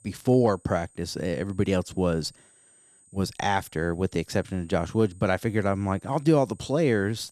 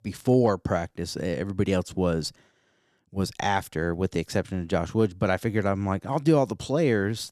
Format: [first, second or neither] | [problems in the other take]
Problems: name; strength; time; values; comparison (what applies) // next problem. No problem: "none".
second | high-pitched whine; faint; throughout; 8.5 kHz, 30 dB below the speech